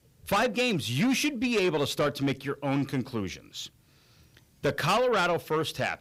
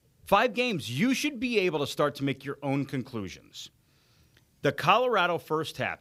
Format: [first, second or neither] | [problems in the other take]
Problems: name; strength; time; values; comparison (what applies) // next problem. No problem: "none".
second | distortion; heavy; 7 dB below the speech